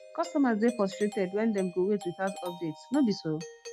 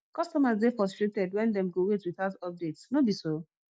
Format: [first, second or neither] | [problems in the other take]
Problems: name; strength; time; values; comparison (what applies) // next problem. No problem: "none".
second | background sound (Doorbell); 16 dB below the speech